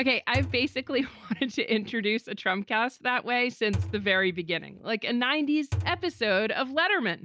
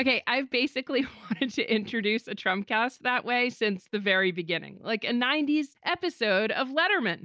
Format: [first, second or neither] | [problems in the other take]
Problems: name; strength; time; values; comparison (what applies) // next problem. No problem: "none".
second | background sound (Thump, thud); 8 dB below the speech